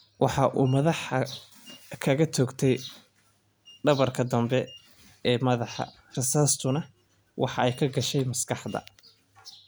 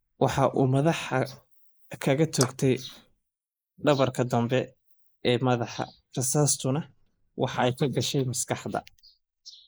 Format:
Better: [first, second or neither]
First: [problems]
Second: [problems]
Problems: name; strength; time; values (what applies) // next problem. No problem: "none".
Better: first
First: none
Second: noise reduction (neural mask model Resemble Enhance denoiser)